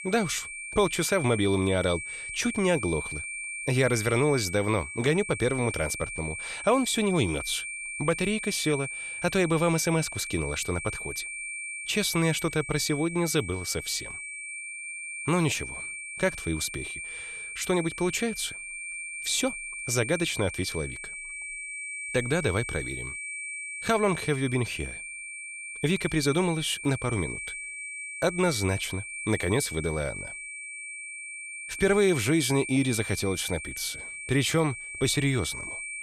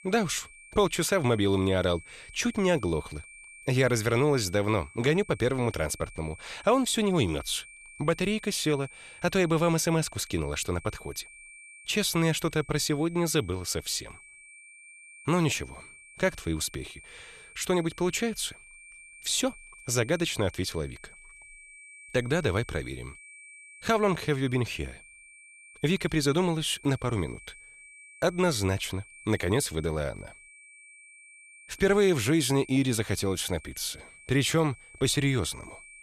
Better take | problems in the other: second | high-pitched whine; loud; throughout; 2.5 kHz, 7 dB below the speech; faint in the second

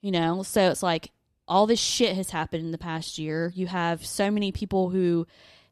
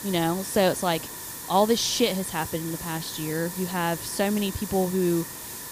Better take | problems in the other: first | hiss; loud; throughout; 9 dB below the speech

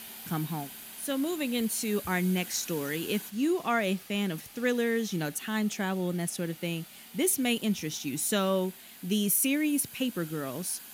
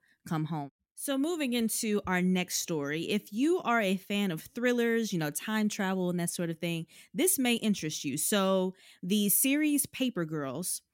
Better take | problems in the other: second | hiss; noticeable; throughout; 15 dB below the speech

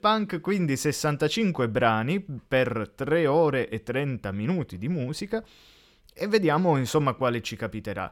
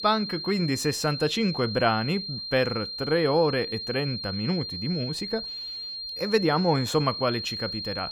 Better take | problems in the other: first | high-pitched whine; loud; throughout; 4 kHz, 6 dB below the speech

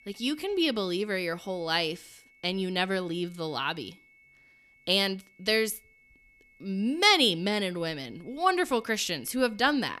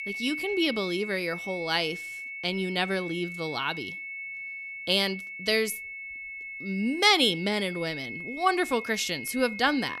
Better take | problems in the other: first | high-pitched whine; loud; throughout; 2 kHz, 9 dB below the speech; faint in the first

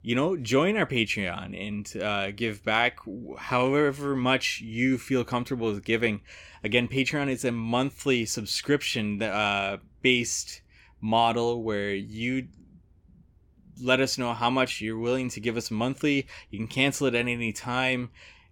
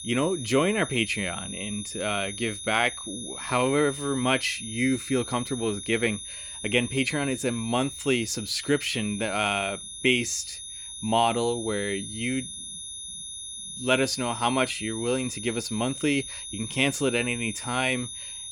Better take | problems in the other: first | high-pitched whine; loud; throughout; 3.5 kHz, 8 dB below the speech

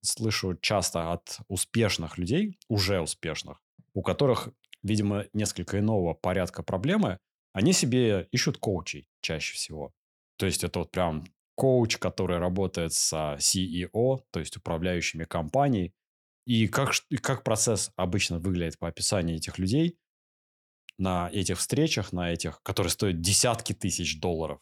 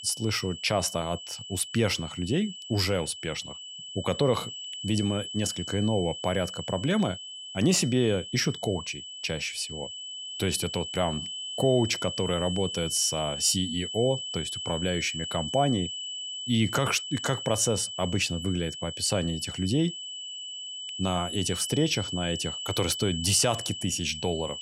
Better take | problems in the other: first | high-pitched whine; loud; throughout; 3 kHz, 7 dB below the speech

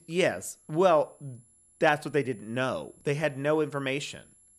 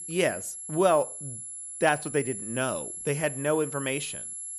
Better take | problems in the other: first | high-pitched whine; loud; throughout; 11 kHz, 7 dB below the speech; faint in the first

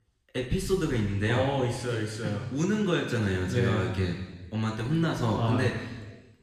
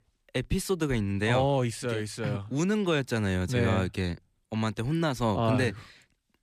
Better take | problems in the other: second | room echo; noticeable; dies away in 1.2 s // off-mic speech; somewhat distant

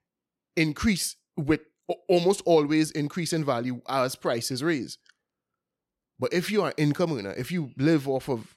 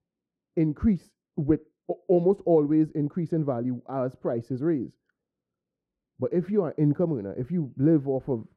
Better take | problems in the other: first | muffled; very; fading above 1.5 kHz

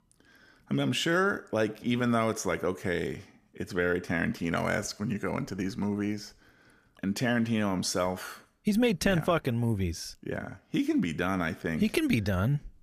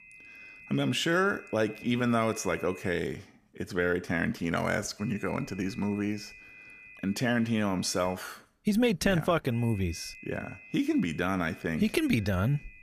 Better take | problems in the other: first | high-pitched whine; noticeable; until 3 s, from 5 to 8 s and from 9.5 s on; 2.5 kHz, 20 dB below the speech

